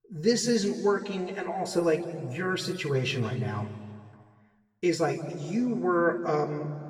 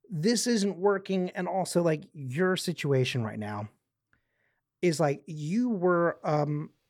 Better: second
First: room echo; slight; dies away in 1.8 s // off-mic speech; far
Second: none

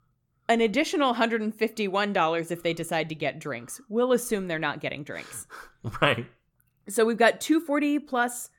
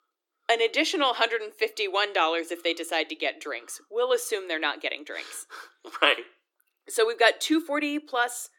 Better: first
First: none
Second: thin; somewhat; fading below 300 Hz

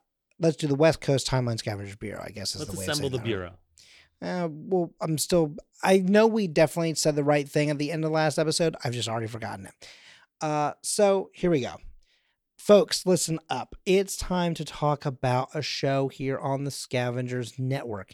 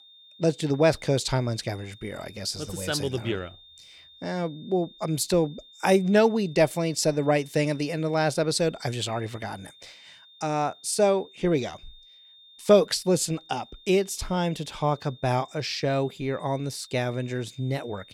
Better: first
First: none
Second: high-pitched whine; faint; throughout; 3.5 kHz, 25 dB below the speech

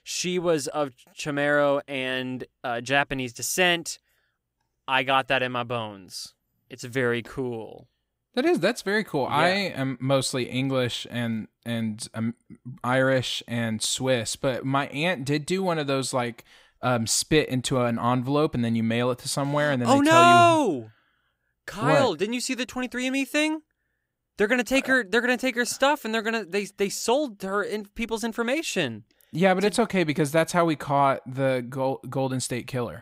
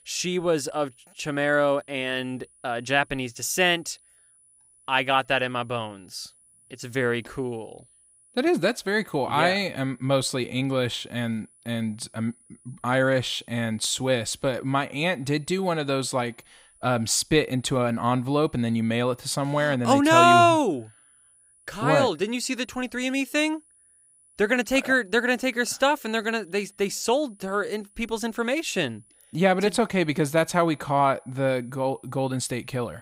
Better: first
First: none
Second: high-pitched whine; faint; throughout; 10 kHz, 30 dB below the speech

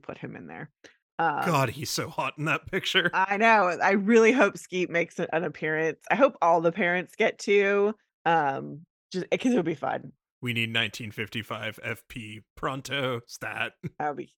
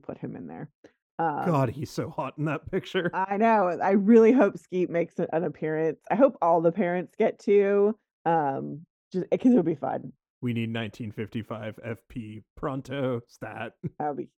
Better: first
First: none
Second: muffled; slightly; fading above 1 kHz

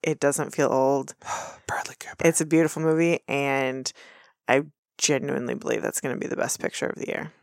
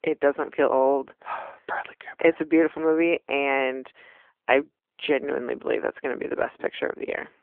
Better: first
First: none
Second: phone-call audio

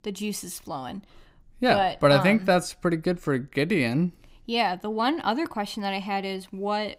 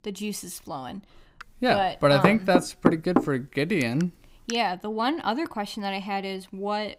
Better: first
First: none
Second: door banging; loud; from 2 to 4.5 s; peak 3 dB above the speech

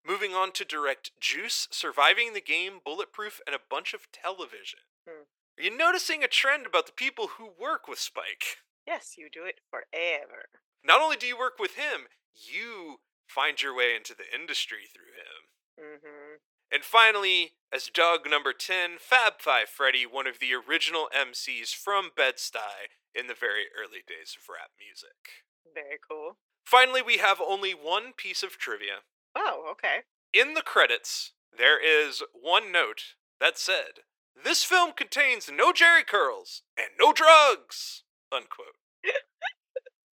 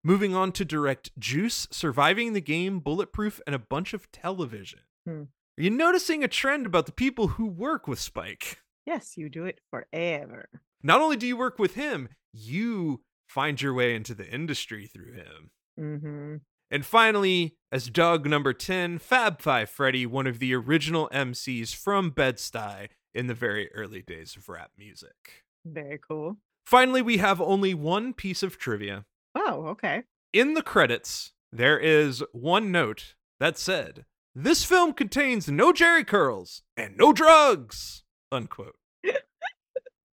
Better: second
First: thin; very; fading below 450 Hz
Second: none

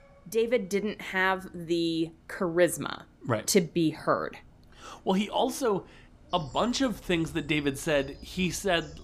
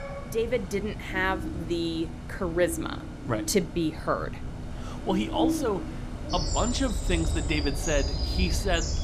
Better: first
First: animal sounds; faint; throughout; 25 dB below the speech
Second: animal sounds; loud; throughout; 3 dB below the speech

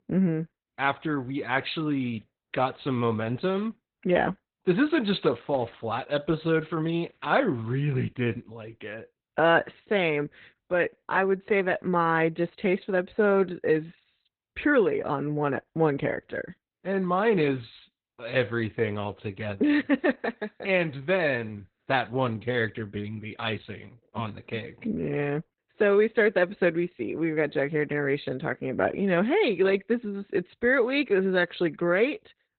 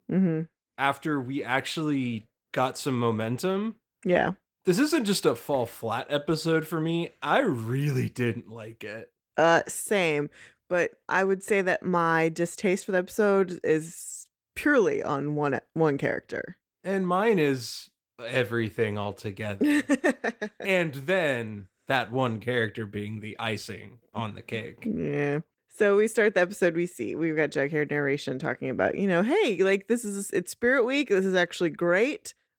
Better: second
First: garbled, watery; badly; nothing above 4 kHz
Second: garbled, watery; slightly; nothing above 17.5 kHz

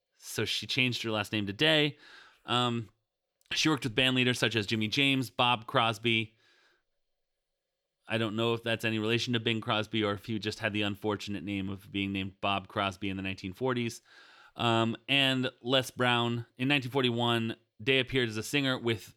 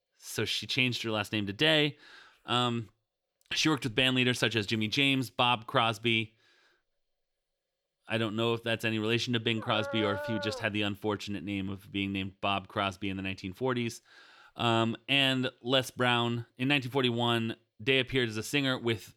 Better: first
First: none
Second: dog barking; noticeable; from 9.5 to 11 s; peak 7 dB below the speech

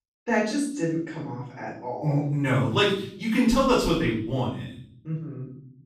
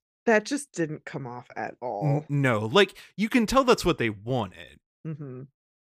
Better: second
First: off-mic speech; far // room echo; noticeable; dies away in 0.6 s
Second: none

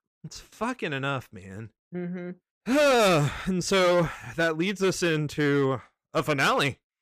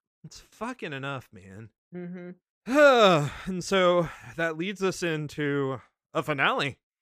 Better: second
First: distortion; heavy; 9% of the sound clipped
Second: none

